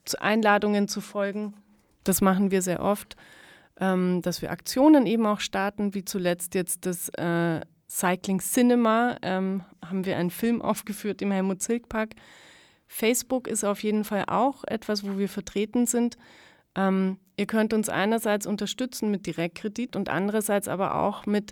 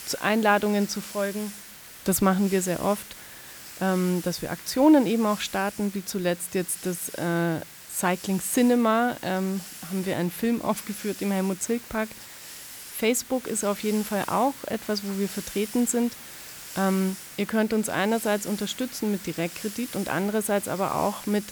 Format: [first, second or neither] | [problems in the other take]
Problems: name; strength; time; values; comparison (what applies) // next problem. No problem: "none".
first | hiss; noticeable; throughout; 15 dB below the speech